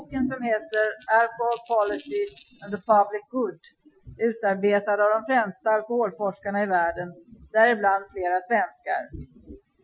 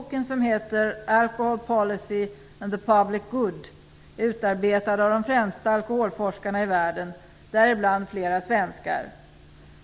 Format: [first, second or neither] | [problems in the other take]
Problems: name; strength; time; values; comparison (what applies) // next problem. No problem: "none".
second | noise reduction (classical method Wiener filter)